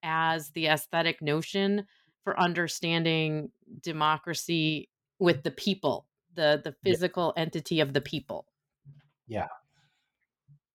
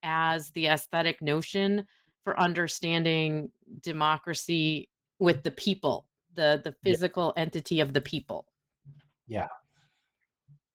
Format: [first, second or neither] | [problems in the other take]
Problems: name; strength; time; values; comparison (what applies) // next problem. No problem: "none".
first | garbled, watery; slightly; nothing above 17.5 kHz